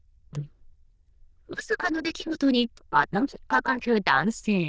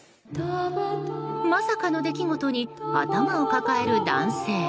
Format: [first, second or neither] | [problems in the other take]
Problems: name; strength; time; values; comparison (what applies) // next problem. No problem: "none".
second | noise reduction (neural diffusion model UNIVERSE++)